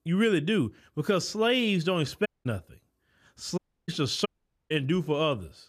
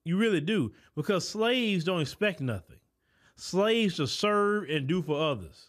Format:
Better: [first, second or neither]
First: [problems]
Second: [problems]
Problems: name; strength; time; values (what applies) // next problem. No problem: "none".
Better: second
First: audio cutting out; at 2.5 s, at 3.5 s and at 4.5 s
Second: none